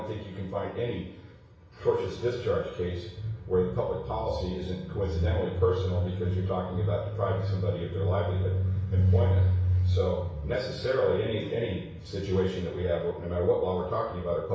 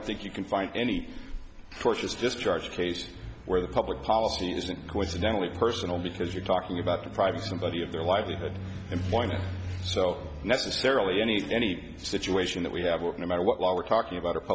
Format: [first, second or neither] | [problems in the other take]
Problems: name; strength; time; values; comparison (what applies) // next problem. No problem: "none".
second | room echo; dies away in 0.6 s